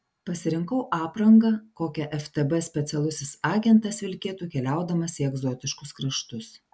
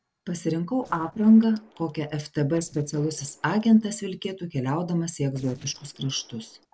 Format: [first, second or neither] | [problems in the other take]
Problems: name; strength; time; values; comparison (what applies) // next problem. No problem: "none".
first | noise reduction (neural separator model SepFormer DNS4)